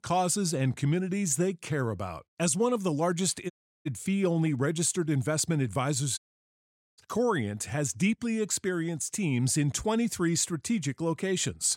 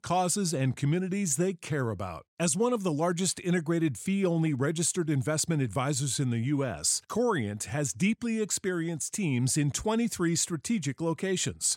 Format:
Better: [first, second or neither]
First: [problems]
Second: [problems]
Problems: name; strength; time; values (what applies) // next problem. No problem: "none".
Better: second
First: audio cutting out; at 3.5 s and at 6 s for 1 s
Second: none